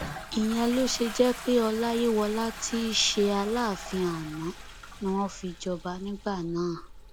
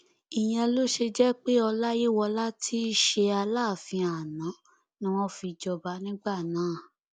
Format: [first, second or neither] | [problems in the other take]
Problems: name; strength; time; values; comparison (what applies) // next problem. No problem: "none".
second | background sound (Toilet flush); 12 dB below the speech